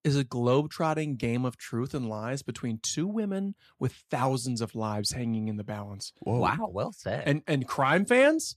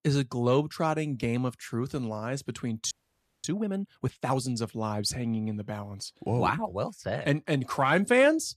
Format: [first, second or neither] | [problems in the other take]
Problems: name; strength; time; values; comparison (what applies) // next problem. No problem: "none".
first | audio freezing; at 3 s for 0.5 s